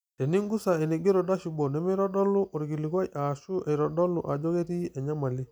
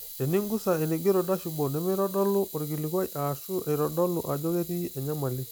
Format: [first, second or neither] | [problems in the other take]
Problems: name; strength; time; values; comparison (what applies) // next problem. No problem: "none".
first | background sound (Camera); 14 dB below the speech